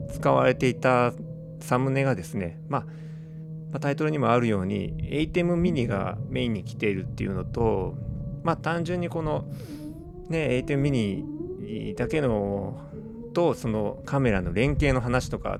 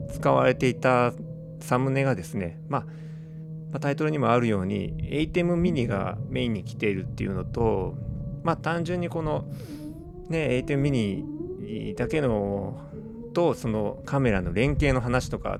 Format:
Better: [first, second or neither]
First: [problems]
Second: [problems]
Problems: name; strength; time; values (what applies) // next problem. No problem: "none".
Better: neither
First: low rumble; noticeable; throughout; 15 dB below the speech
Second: low rumble; noticeable; throughout; 15 dB below the speech